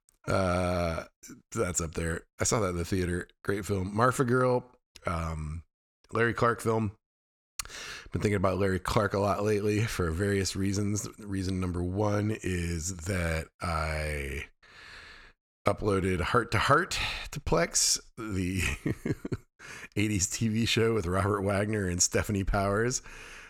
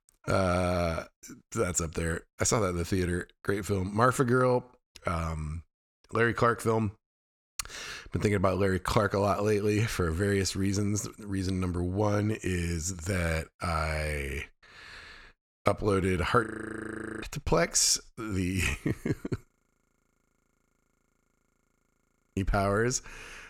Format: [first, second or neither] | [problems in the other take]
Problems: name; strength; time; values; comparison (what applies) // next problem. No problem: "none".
first | audio freezing; at 16 s for 1 s and at 19 s for 3 s